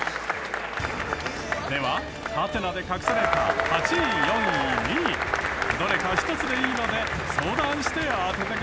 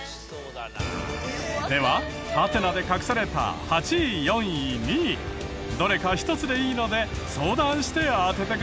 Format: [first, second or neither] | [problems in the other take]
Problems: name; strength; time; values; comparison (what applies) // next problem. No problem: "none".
second | background sound (Applause / Crowd / Cheering); 1 dB above the speech